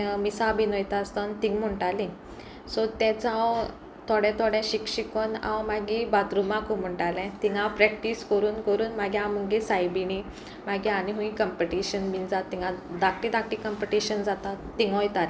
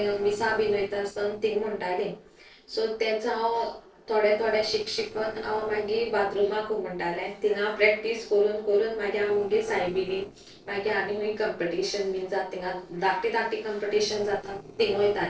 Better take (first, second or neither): first